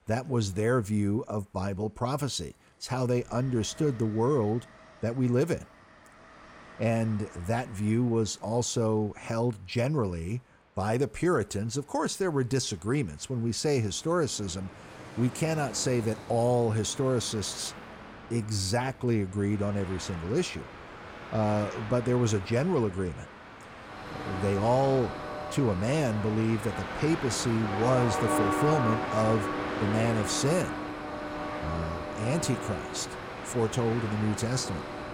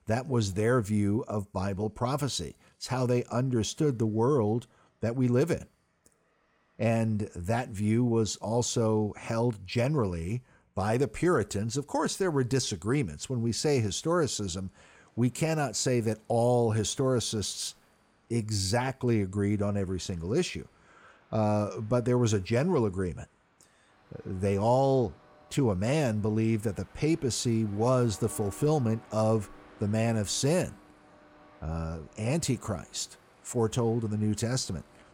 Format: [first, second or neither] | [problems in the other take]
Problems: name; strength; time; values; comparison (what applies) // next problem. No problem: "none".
second | train or aircraft noise; loud; throughout; 7 dB below the speech; faint in the second